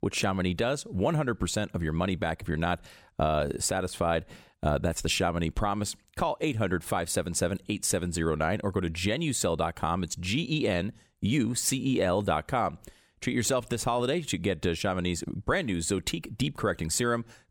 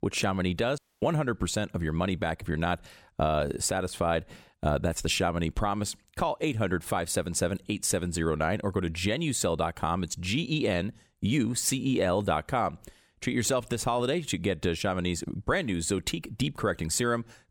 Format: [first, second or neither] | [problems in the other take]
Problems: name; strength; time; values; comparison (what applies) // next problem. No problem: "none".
first | audio cutting out; at 1 s